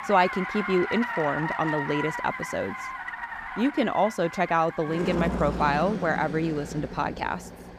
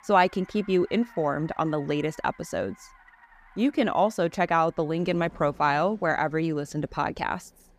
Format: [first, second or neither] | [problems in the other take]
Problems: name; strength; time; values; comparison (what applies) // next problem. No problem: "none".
second | traffic noise; loud; throughout; 6 dB below the speech; faint in the second